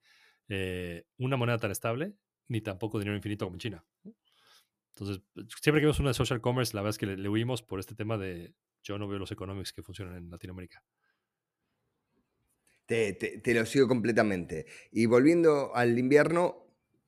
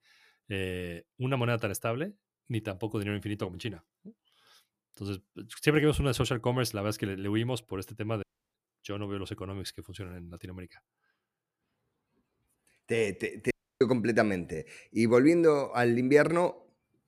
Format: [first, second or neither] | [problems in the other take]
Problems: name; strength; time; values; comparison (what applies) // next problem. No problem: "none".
first | audio cutting out; at 8 s and at 14 s